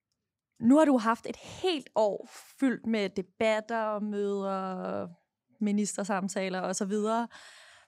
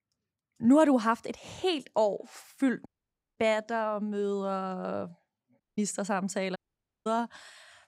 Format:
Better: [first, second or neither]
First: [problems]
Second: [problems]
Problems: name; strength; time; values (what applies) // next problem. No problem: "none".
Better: first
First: none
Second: audio cutting out; at 3 s for 0.5 s, at 5.5 s and at 6.5 s for 0.5 s